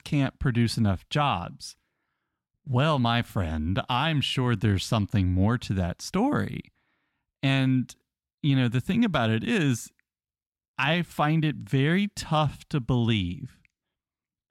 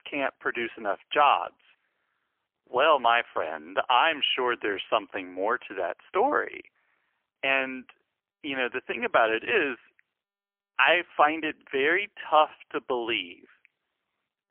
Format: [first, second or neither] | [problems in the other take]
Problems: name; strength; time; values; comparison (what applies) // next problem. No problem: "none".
first | phone-call audio; poor line; nothing above 3 kHz